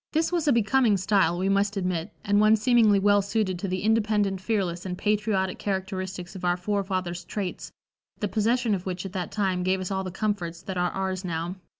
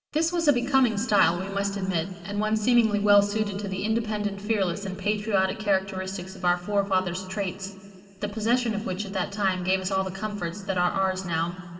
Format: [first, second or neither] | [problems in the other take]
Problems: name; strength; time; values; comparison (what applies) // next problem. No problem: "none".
first | room echo; dies away in 2.3 s